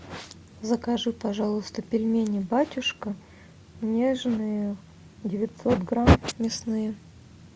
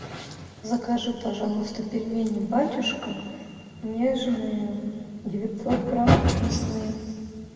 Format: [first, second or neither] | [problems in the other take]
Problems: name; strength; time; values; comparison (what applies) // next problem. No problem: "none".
first | room echo; dies away in 2.1 s